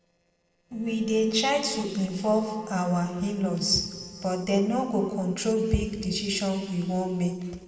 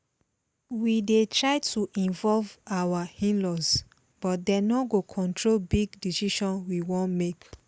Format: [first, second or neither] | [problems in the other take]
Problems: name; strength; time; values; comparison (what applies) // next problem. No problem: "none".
second | noise reduction (neural separator model SepFormer DNS4)